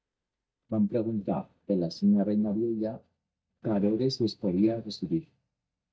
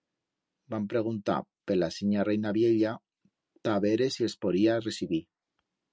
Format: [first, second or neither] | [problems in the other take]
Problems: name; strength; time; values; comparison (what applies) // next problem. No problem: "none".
second | noise reduction (neural mask model DeepFilterNet 3)